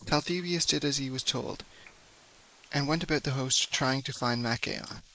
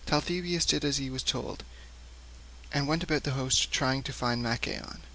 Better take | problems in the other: second | noise reduction (neural mask model Resemble Enhance denoiser)

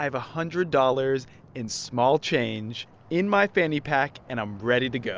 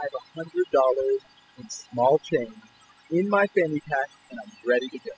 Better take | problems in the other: first | noise reduction (classical method spectral subtraction)

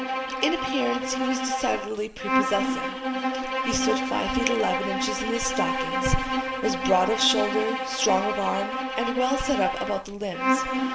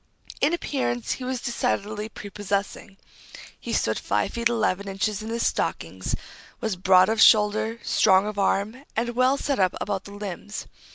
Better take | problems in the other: second | background sound (Bowed string instrument); as loud as the speech // room echo; dies away in 1.5 s

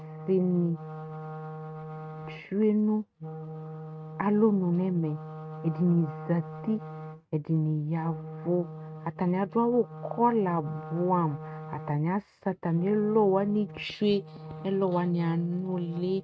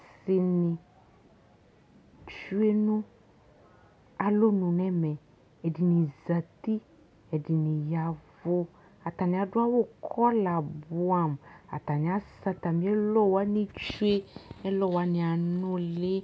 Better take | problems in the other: second | noise reduction (neural mask model RNNoise)

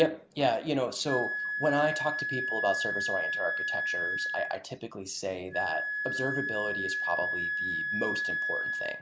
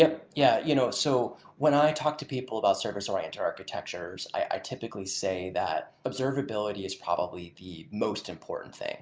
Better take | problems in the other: second | background sound (Wind instrument, woodwind instrument); as loud as the speech

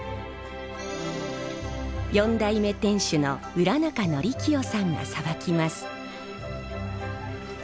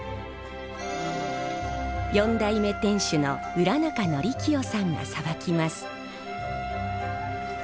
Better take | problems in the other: first | background sound (Wind instrument, woodwind instrument); 8 dB below the speech

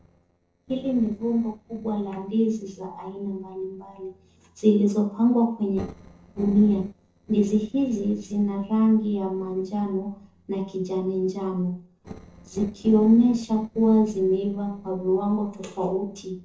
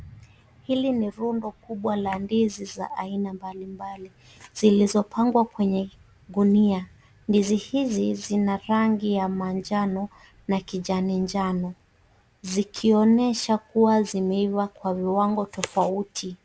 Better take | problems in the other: second | noise reduction (neural separator model SepFormer DNS4)

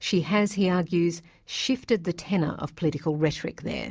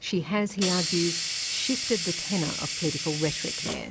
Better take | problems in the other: first | background sound (Hiss); 2 dB below the speech

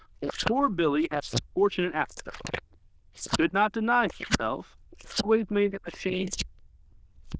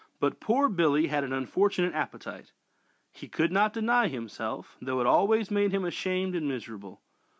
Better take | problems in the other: second | noise reduction (neural diffusion model UNIVERSE++)

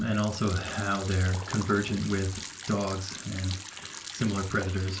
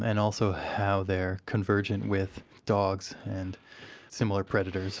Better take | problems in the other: second | background sound (Liquid); 12 dB below the speech // room echo; dies away in 0.3 s

